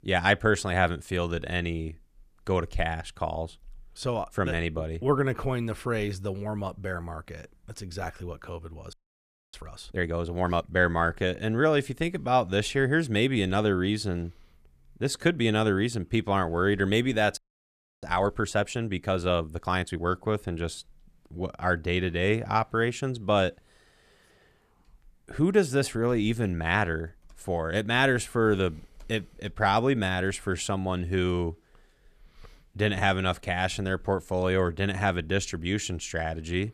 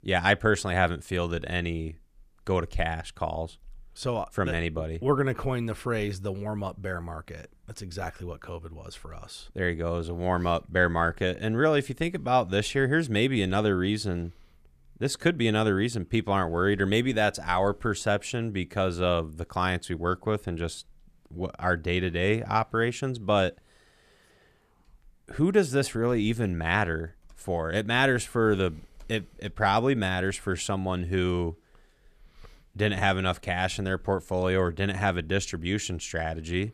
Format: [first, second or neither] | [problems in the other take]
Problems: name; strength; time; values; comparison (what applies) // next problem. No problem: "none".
second | audio freezing; at 9 s for 0.5 s and at 17 s for 0.5 s